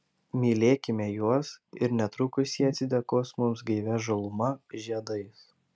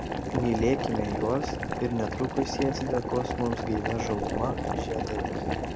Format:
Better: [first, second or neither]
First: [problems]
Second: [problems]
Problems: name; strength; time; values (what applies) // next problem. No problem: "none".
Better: first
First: none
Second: background sound (Boiling); as loud as the speech